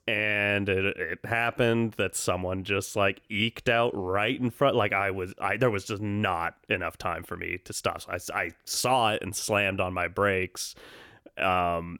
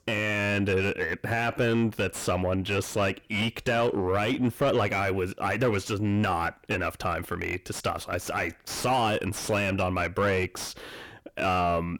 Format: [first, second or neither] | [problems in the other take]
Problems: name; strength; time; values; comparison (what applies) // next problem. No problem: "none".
first | distortion; heavy; 7 dB below the speech